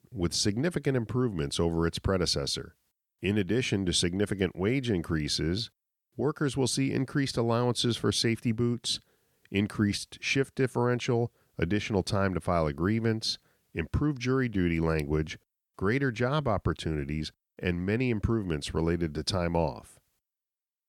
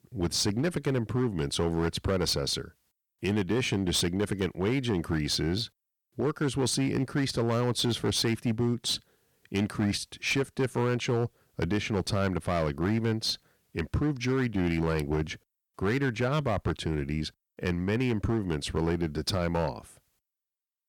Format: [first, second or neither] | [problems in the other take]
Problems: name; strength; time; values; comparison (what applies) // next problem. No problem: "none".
first | distortion; slight; 8% of the sound clipped